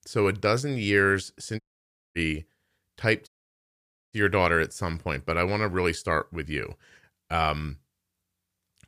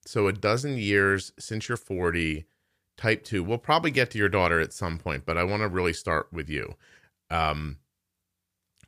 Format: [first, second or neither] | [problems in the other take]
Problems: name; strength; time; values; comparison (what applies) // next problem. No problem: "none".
second | audio cutting out; at 1.5 s for 0.5 s and at 3.5 s for 1 s